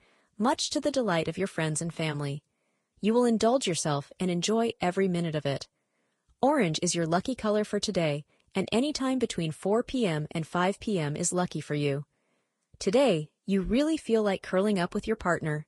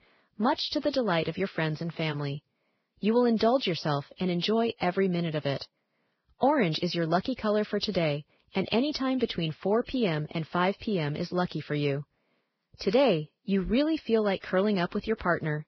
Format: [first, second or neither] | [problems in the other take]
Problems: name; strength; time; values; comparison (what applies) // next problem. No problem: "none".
first | garbled, watery; badly; nothing above 5.5 kHz; slightly in the first